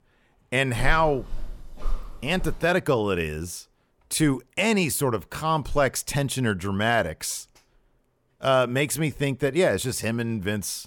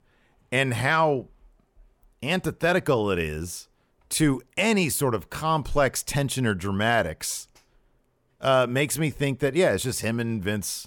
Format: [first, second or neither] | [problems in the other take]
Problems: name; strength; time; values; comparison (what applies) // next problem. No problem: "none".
second | footsteps; faint; from 1 to 2.5 s; peak 10 dB below the speech